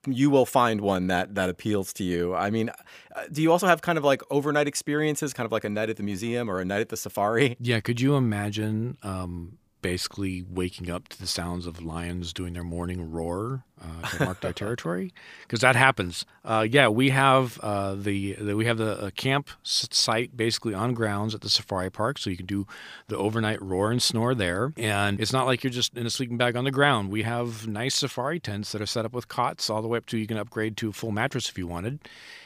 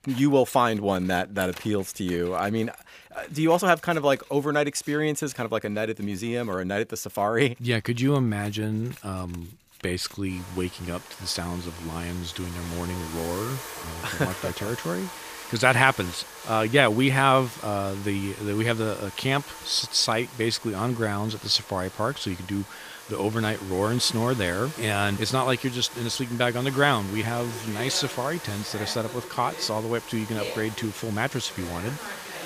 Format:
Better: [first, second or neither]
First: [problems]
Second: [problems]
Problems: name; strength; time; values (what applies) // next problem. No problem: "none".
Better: first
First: none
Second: household noises; noticeable; throughout; 15 dB below the speech